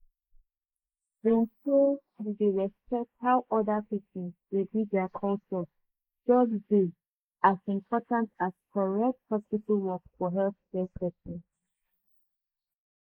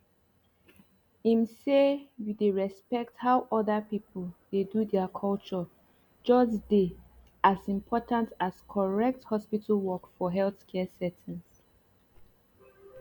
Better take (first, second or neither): second